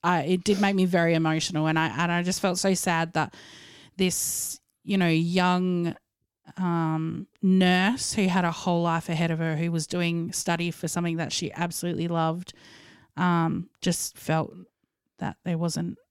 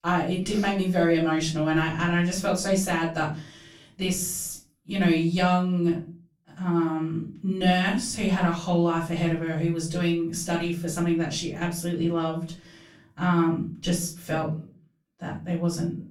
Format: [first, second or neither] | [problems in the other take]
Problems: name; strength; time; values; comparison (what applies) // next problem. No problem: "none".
first | room echo; slight; dies away in 0.3 s // off-mic speech; far